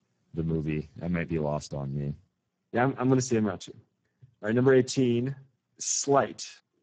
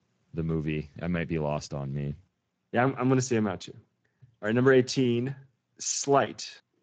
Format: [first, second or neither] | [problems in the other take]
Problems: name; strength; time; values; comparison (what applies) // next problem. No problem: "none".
second | garbled, watery; badly; nothing above 7.5 kHz; slightly in the second